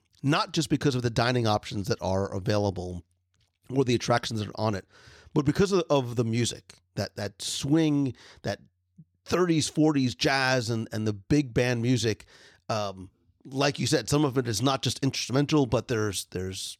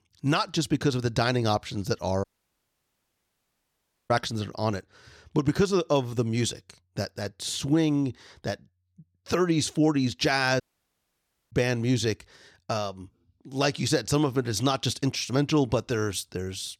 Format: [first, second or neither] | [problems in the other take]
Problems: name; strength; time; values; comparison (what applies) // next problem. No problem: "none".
first | audio cutting out; at 2 s for 2 s and at 11 s for 1 s